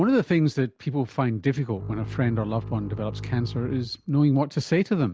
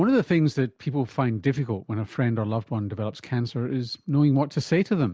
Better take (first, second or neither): second